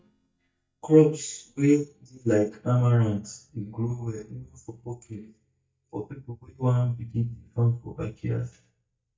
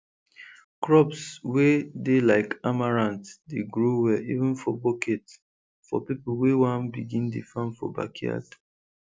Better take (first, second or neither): second